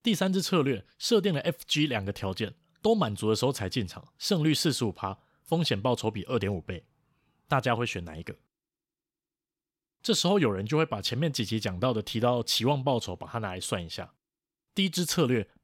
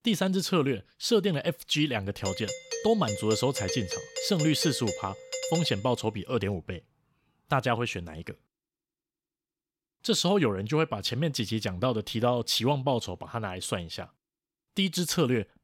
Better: first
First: none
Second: doorbell; noticeable; from 2.5 to 6 s; peak 5 dB below the speech

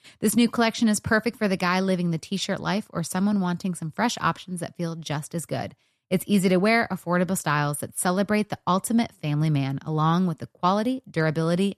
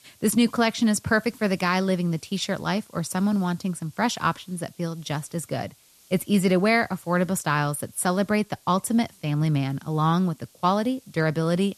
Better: first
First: none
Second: hiss; faint; throughout; 30 dB below the speech

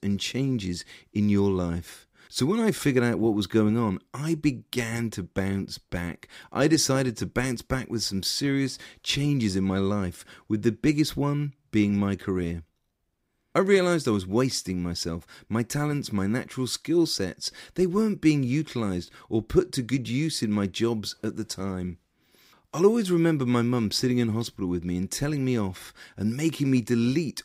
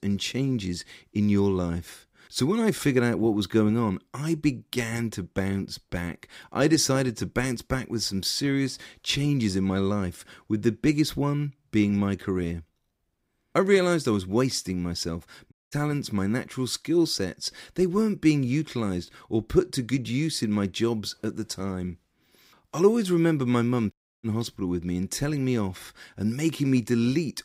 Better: first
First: none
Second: audio cutting out; at 16 s and at 24 s

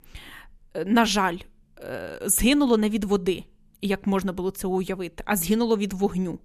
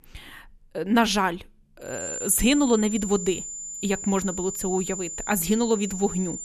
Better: first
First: none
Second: high-pitched whine; loud; from 2 s on; 7 kHz, 8 dB below the speech

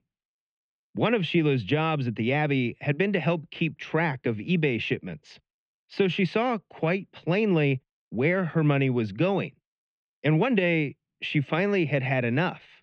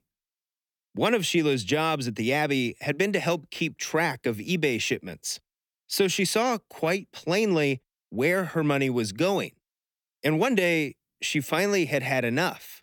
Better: second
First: muffled; very; fading above 3 kHz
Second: none

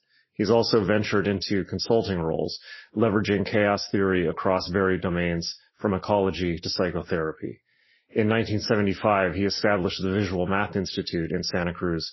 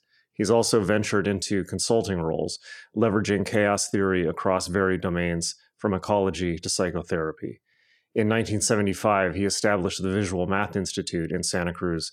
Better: second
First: garbled, watery; slightly; nothing above 5.5 kHz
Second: none

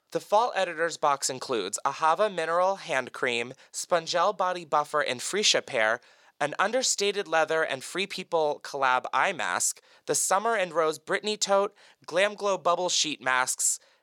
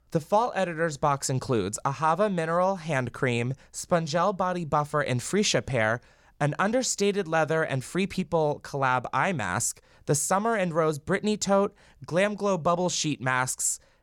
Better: second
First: thin; somewhat; fading below 400 Hz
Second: none

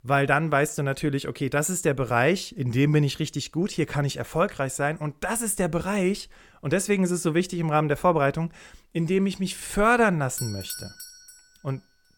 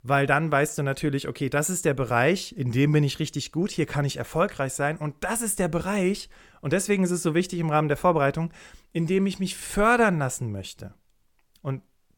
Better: second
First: doorbell; noticeable; at 10 s; peak 8 dB below the speech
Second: none

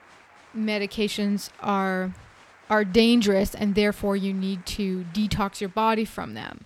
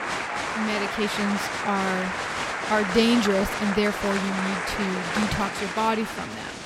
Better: first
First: crowd noise; faint; throughout; 25 dB below the speech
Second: crowd noise; loud; throughout; 2 dB below the speech

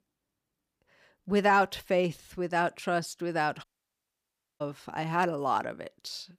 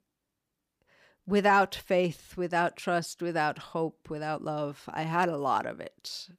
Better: second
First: audio cutting out; at 3.5 s for 1 s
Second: none

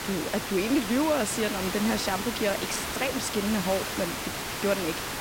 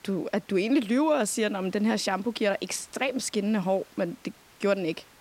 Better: second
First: hiss; loud; throughout; 3 dB below the speech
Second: hiss; faint; throughout; 25 dB below the speech

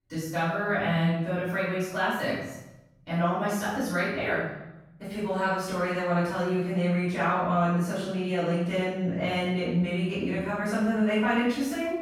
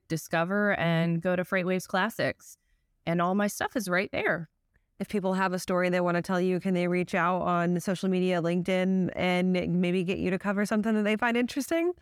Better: second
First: off-mic speech; far // room echo; strong; dies away in 0.8 s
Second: none

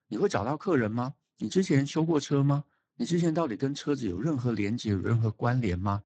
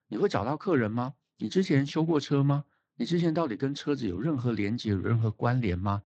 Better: second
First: garbled, watery; badly; nothing above 8 kHz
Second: garbled, watery; slightly; nothing above 17.5 kHz

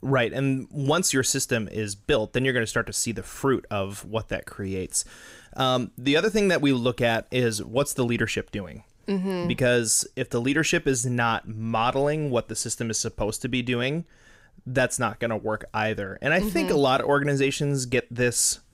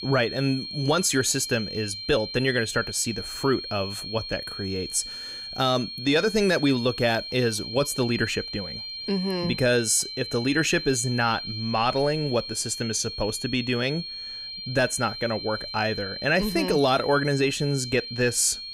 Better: first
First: none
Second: high-pitched whine; loud; throughout; 4 kHz, 8 dB below the speech

